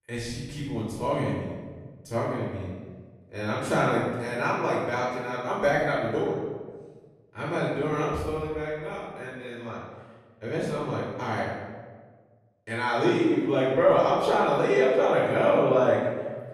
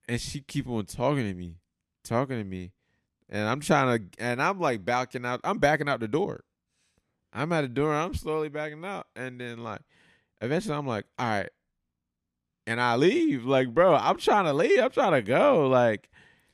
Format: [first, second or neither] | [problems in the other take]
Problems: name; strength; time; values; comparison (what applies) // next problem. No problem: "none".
second | off-mic speech; far // room echo; noticeable; dies away in 1.2 s